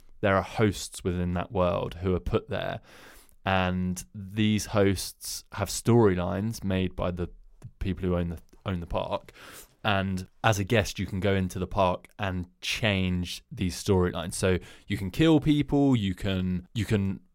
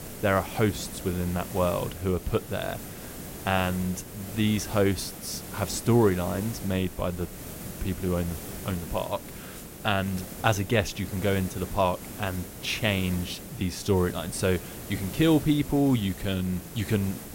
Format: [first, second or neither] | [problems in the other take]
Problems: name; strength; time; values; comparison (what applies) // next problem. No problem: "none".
first | hiss; noticeable; throughout; 10 dB below the speech